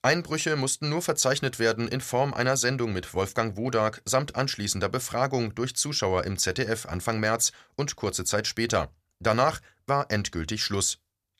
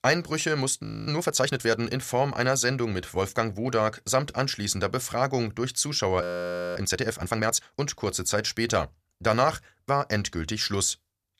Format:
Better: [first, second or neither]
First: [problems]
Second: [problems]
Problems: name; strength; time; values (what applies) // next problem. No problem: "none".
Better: first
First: none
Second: audio freezing; at 1 s and at 6 s for 0.5 s